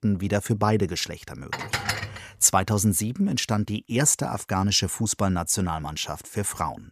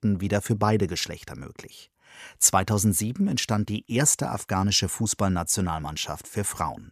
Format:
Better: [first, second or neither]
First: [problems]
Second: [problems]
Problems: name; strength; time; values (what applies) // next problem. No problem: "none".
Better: second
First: clattering dishes; noticeable; at 1.5 s; peak 3 dB below the speech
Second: none